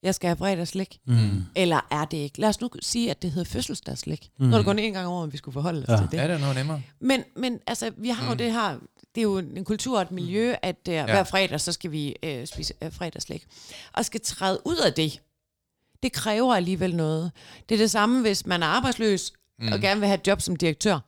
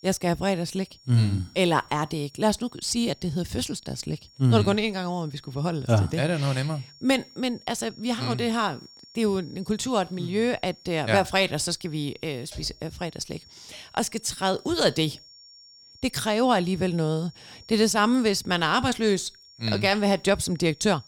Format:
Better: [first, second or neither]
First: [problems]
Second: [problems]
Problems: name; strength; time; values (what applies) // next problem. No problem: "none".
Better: first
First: none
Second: high-pitched whine; faint; throughout; 5.5 kHz, 25 dB below the speech